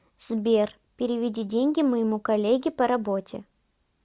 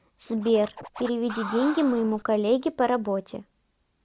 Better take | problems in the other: first | background sound (Scratching (performance technique)); 13 dB below the speech

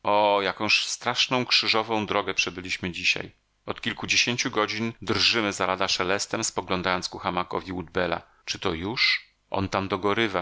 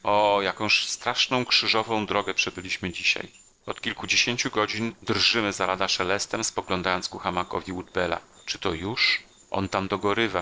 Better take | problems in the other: first | noise reduction (neural separator model SepFormer DNS4)

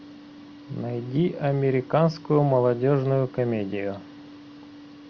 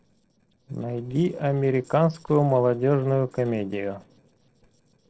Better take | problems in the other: first | noise reduction (neural separator model SepFormer DNS4)

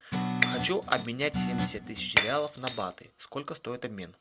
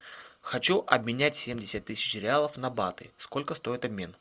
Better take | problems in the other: second | background sound (Guitar + Shatter); 1 dB above the speech

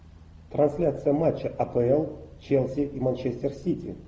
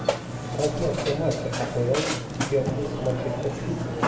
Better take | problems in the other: first | background sound (Burping, eructation); 1 dB below the speech // room echo; dies away in 0.7 s

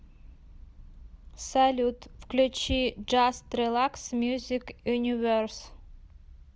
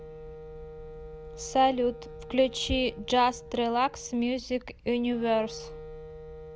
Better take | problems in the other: first | background sound (Wind instrument, woodwind instrument); 15 dB below the speech

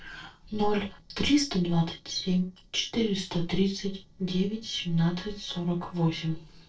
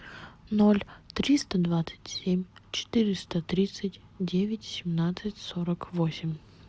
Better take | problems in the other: second | noise reduction (neural separator model SepFormer DNS4)

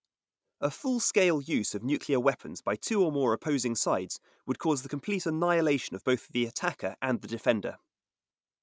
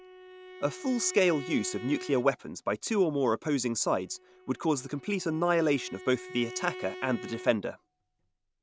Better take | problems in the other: first | background sound (Bowed string instrument); 15 dB below the speech

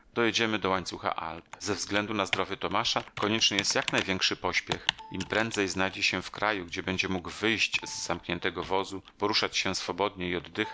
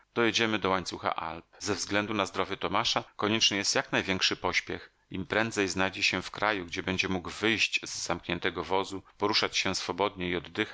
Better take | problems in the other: second | background sound (Computer keyboard); 12 dB below the speech

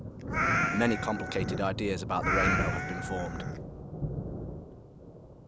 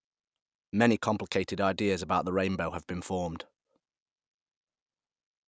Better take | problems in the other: second | background sound (Thunder + Meow); 2 dB above the speech

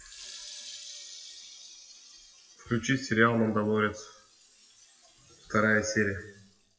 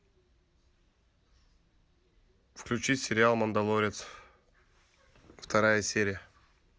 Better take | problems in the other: second | noise reduction (classical method WPE with log-MMSE)

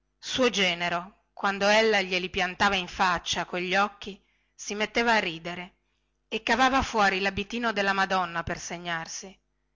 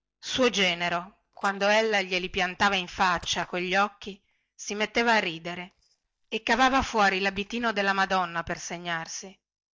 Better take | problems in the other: first | noise reduction (neural mask model DeepFilterNet 3)

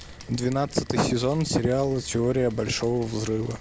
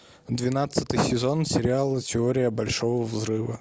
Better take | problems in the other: second | background sound (Rain); 18 dB below the speech

